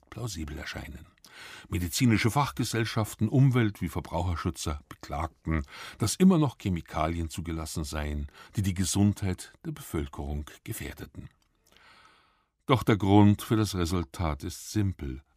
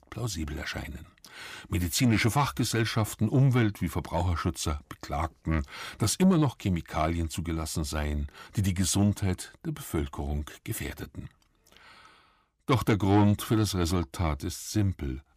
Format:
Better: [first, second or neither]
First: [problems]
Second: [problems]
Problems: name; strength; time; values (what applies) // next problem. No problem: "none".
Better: first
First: none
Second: distortion; slight; 10 dB below the speech